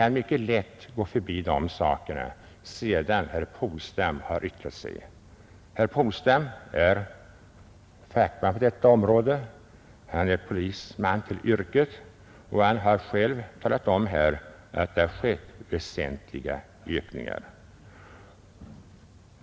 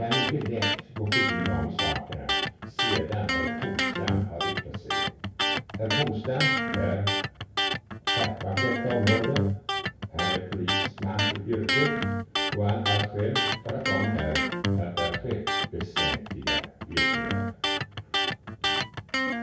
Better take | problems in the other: first | background sound (Electric guitar); 3 dB above the speech // room echo; dies away in 0.6 s

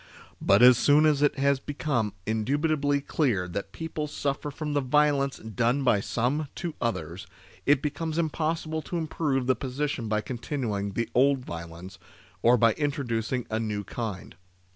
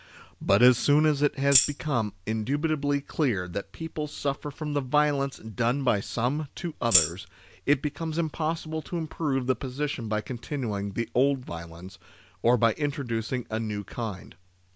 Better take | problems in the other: first | background sound (Tambourine); 1 dB above the speech

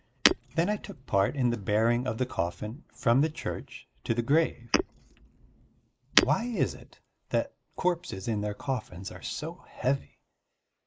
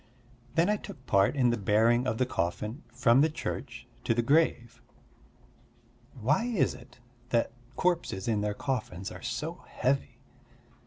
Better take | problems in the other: second | noise reduction (neural mask model Resemble Enhance denoiser)

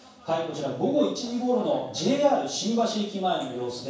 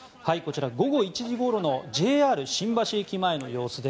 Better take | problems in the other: second | room echo; dies away in 0.7 s

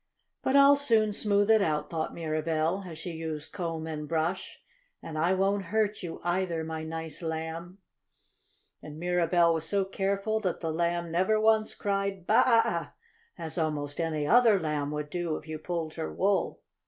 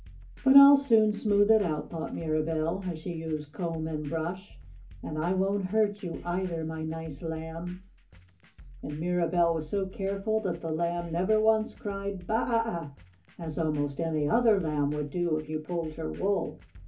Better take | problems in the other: first | background sound (Drum kit); 20 dB below the speech // room echo; dies away in 0.3 s

